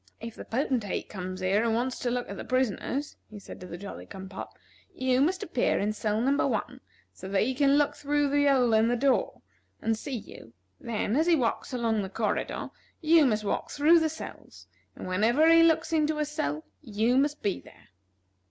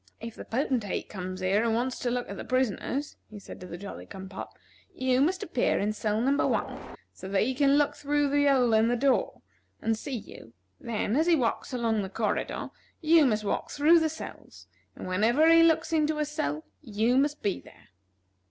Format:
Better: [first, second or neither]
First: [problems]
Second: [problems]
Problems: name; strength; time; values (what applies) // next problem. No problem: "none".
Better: first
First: none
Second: background sound (Train); 10 dB below the speech